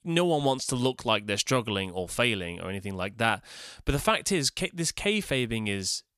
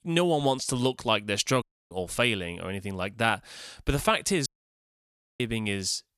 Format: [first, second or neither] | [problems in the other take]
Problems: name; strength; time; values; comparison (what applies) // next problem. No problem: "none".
first | audio cutting out; at 1.5 s and at 4.5 s for 1 s